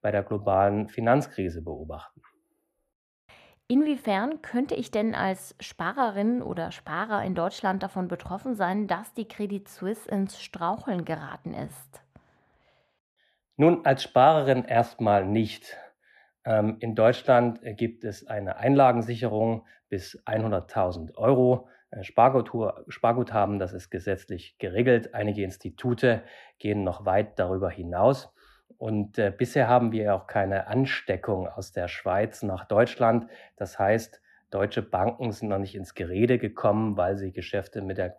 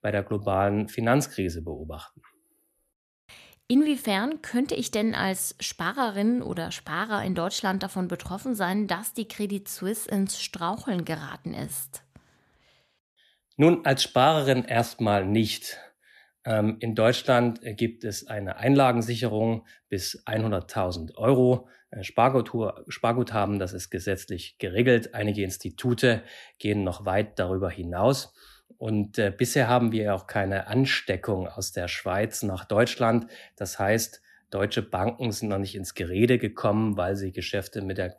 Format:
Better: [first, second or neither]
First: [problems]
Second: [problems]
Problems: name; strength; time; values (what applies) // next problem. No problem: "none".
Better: second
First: muffled; slightly; fading above 3.5 kHz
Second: none